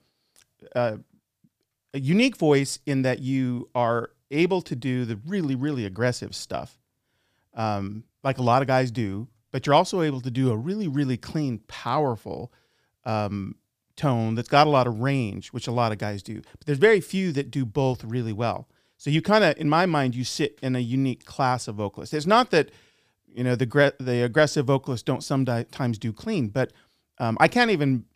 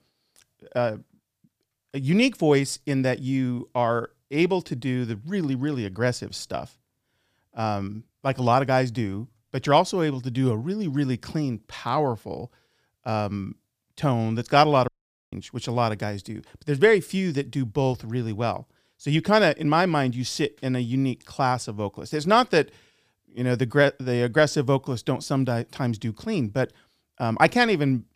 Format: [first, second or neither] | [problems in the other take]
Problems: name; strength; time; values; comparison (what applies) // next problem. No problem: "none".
first | audio cutting out; at 15 s